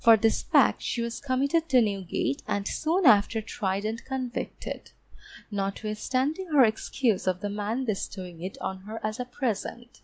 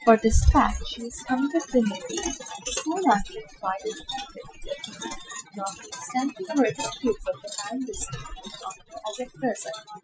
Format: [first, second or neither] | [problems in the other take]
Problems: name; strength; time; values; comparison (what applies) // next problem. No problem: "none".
first | noise reduction (classical method Wiener filter)